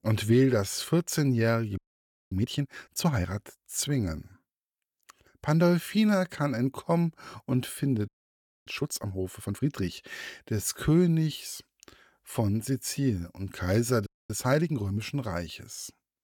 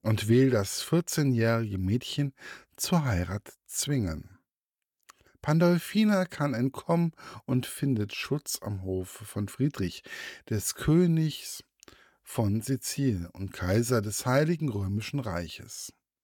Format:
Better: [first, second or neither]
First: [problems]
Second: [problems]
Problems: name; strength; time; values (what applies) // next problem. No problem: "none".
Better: second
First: audio freezing; at 2 s for 0.5 s, at 8 s for 0.5 s and at 14 s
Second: none